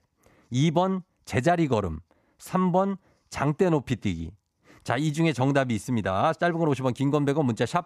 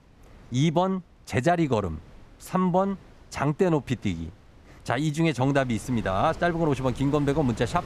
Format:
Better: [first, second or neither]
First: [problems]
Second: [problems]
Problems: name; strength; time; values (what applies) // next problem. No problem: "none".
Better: first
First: none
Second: wind noise on the microphone; occasional gusts; 25 dB below the speech